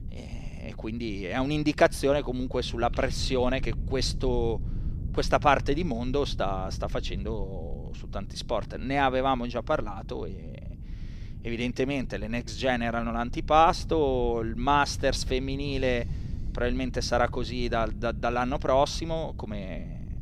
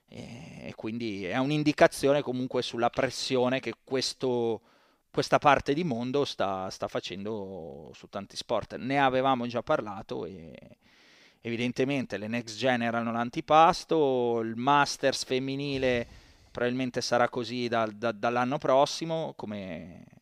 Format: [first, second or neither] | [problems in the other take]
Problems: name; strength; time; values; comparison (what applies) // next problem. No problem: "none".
second | low rumble; faint; throughout; 25 dB below the speech